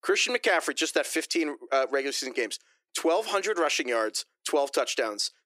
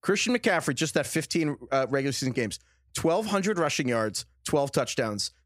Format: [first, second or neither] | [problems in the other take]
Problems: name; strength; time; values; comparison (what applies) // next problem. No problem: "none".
second | thin; somewhat; fading below 350 Hz